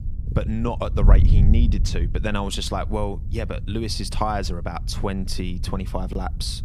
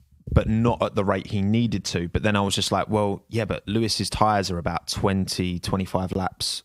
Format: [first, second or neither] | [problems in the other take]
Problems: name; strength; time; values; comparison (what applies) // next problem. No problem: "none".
second | wind noise on the microphone; occasional gusts; 15 dB below the speech